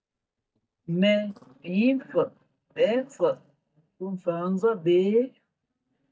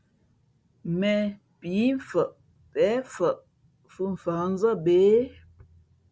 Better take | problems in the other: second | noise reduction (neural mask model DeepFilterNet 3)

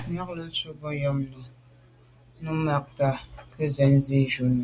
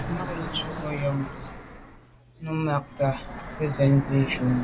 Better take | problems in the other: first | background sound (Fixed-wing aircraft, airplane); 9 dB below the speech

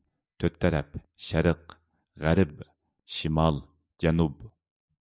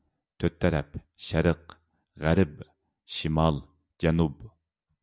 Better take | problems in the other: second | noise reduction (neural mask model Resemble Enhance denoiser)

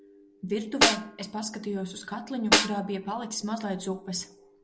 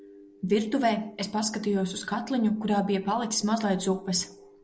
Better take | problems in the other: second | background sound (Snare drum); 3 dB above the speech

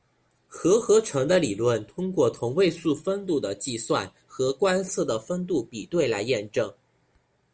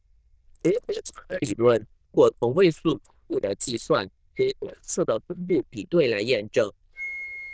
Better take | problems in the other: first | noise reduction (neural diffusion model UNIVERSE++)

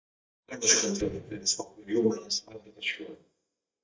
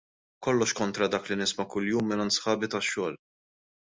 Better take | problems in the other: second | noise reduction (neural mask model DeepFilterNet 3)

